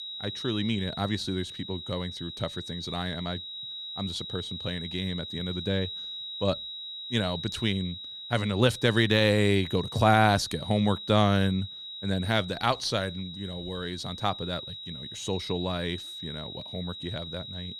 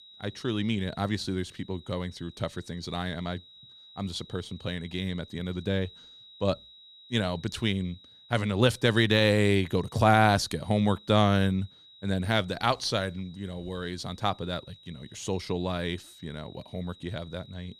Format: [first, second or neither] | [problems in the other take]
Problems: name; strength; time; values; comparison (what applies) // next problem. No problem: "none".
second | high-pitched whine; loud; throughout; 4 kHz, 9 dB below the speech; faint in the second